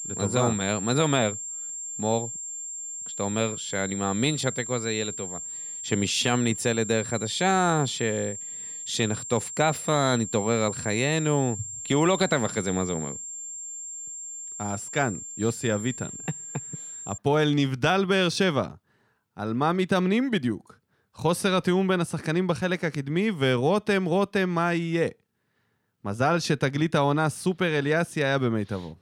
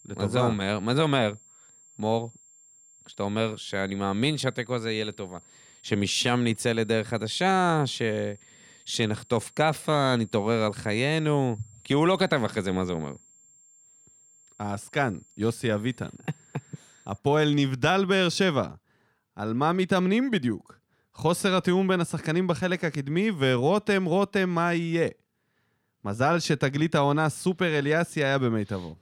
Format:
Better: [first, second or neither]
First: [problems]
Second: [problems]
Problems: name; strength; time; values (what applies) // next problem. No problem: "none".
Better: second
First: high-pitched whine; loud; until 17 s; 7.5 kHz, 8 dB below the speech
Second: high-pitched whine; faint; until 17 s; 7.5 kHz, 30 dB below the speech